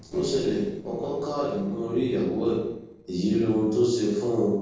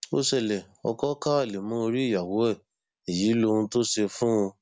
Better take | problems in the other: second | noise reduction (neural separator model SepFormer DNS4)

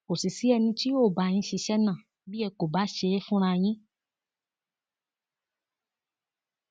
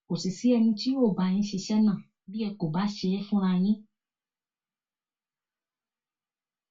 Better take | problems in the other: first | room echo; dies away in 0.2 s

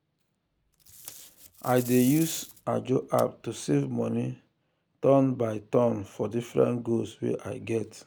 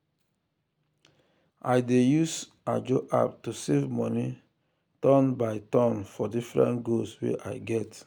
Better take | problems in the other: second | background sound (Packing tape, duct tape); 15 dB below the speech

